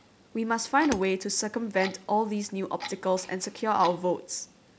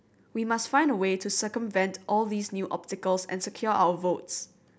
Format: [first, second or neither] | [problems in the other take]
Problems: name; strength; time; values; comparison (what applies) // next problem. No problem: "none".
second | background sound (Clock + Hammer); 16 dB below the speech